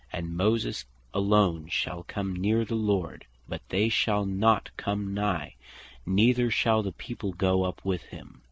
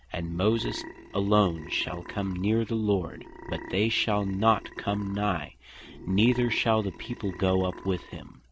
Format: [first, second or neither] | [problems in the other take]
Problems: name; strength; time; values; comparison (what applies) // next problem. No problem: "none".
first | background sound (Burping, eructation); 17 dB below the speech